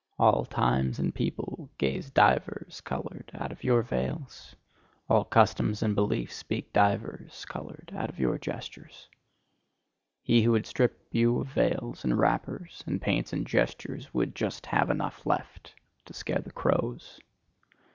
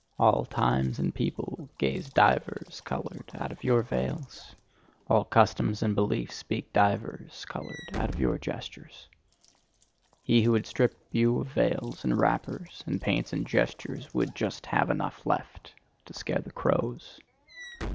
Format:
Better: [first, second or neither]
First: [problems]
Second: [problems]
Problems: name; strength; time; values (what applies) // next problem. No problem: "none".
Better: first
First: none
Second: background sound (Walk, footsteps / Slam); 18 dB below the speech